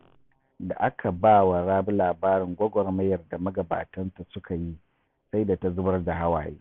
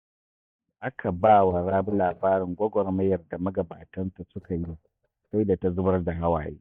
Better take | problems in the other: first | noise reduction (neural mask model DeepFilterNet 3)

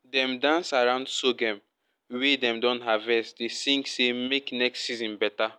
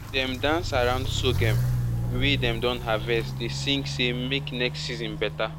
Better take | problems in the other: first | background sound (Walk, footsteps); 1 dB below the speech

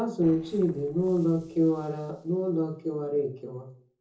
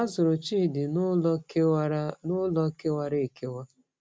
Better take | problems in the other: second | noise reduction (neural separator model SepFormer DNS4)

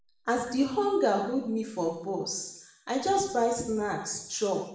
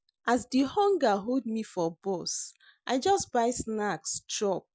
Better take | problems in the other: second | room echo; dies away in 0.8 s

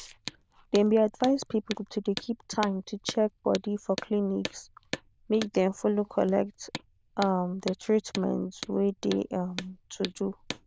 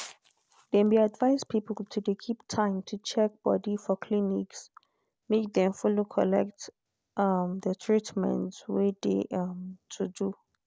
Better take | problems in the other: second | noise reduction (neural diffusion model UNIVERSE++)

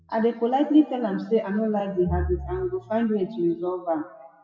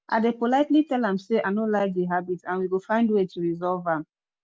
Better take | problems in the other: second | noise reduction (classical method WPE with log-MMSE)

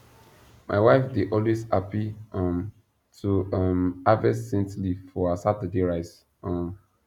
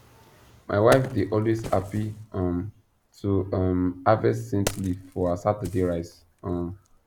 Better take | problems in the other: first | background sound (Wood); 15 dB below the speech

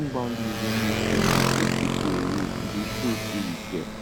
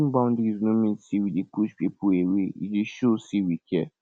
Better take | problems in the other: second | background sound (Motorcycle); 4 dB above the speech

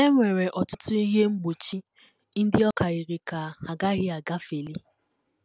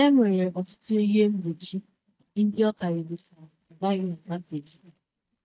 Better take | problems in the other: first | noise reduction (neural mask model DeepFilterNet 3)

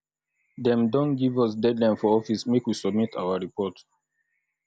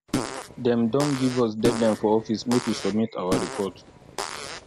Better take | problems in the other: first | background sound (Fart); 7 dB below the speech

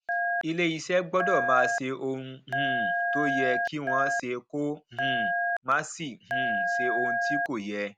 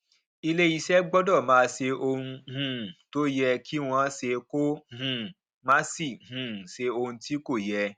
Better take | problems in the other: second | background sound (Telephone); 1 dB above the speech

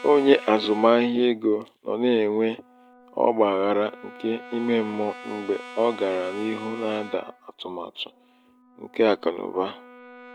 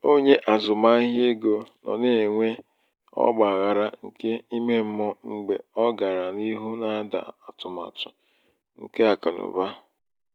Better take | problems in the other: second | background sound (Brass instrument); 19 dB below the speech

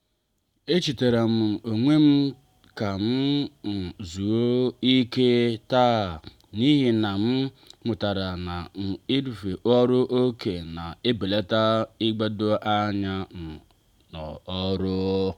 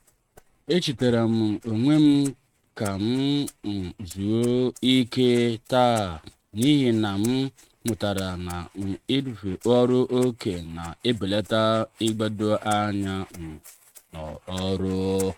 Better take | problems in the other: first | noise reduction (neural mask model RNNoise)

